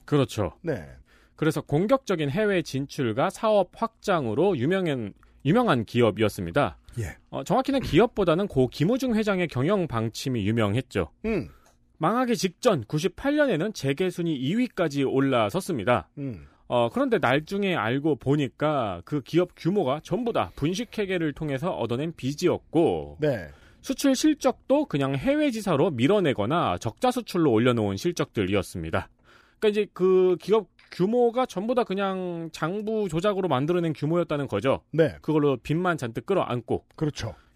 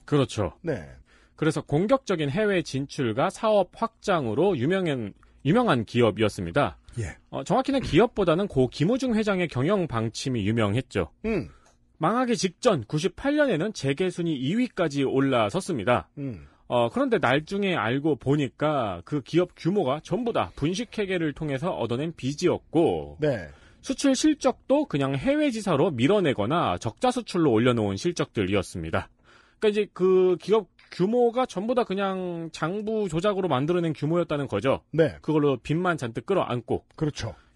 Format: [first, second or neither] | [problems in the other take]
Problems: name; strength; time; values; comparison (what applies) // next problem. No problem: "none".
first | garbled, watery; slightly; nothing above 10.5 kHz